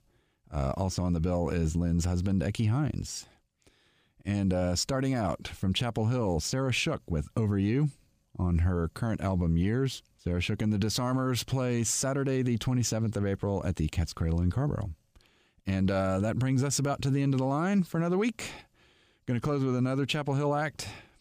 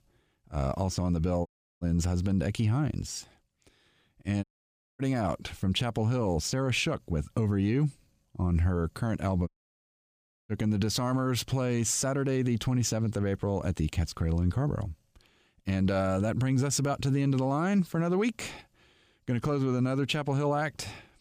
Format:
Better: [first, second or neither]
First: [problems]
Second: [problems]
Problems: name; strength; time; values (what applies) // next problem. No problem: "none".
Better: first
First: none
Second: audio cutting out; at 1.5 s, at 4.5 s for 0.5 s and at 9.5 s for 1 s